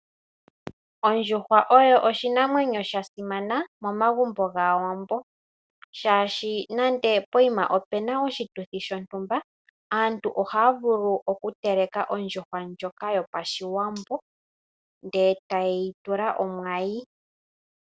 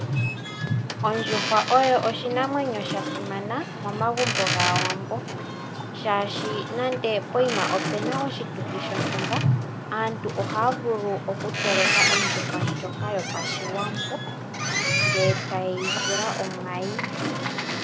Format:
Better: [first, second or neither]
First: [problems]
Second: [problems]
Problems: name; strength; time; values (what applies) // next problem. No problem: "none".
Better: first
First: none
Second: background sound (Boat, Water vehicle); 1 dB above the speech